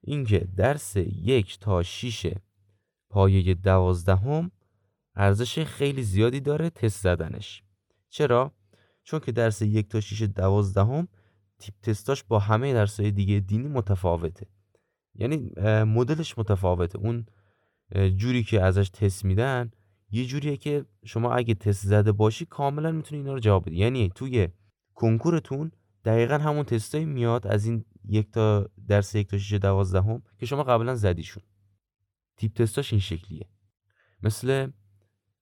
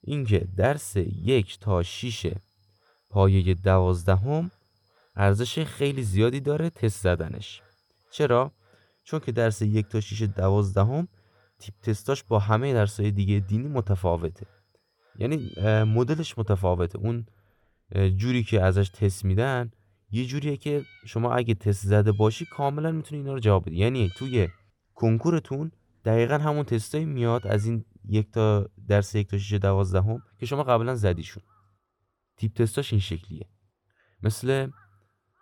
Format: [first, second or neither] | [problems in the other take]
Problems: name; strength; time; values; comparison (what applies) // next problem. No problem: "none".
first | animal sounds; faint; throughout; 30 dB below the speech